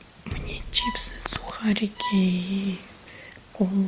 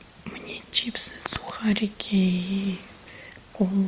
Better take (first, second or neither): second